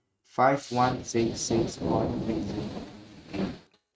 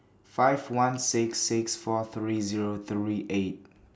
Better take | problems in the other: second | noise reduction (neural mask model RNNoise)

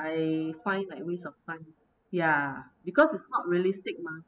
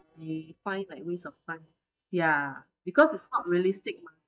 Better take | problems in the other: first | noise reduction (neural mask model DeepFilterNet 3)

